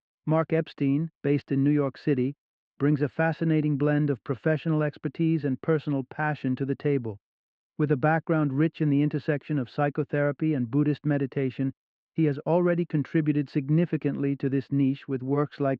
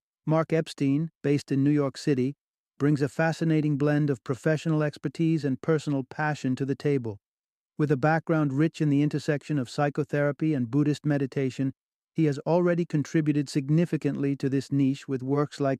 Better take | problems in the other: second | muffled; slightly; fading above 3.5 kHz

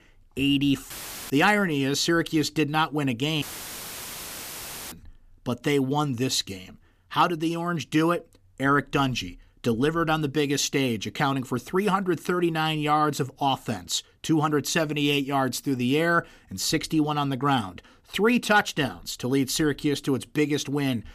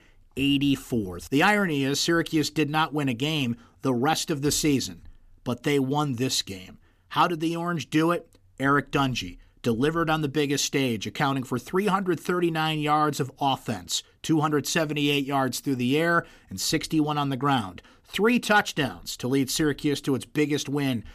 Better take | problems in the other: second | audio cutting out; filled with static; at 1 s and at 3.5 s for 1.5 s

